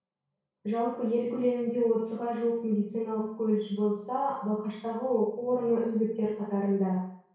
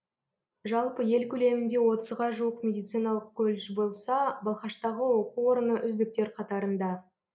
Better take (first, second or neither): second